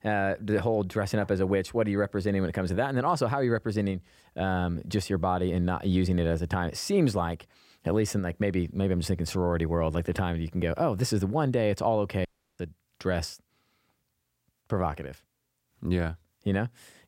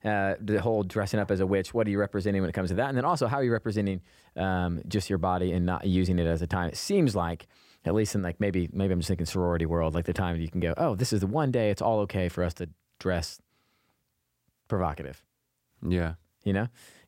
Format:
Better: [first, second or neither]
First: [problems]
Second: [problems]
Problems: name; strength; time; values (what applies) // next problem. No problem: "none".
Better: second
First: audio cutting out; at 12 s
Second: none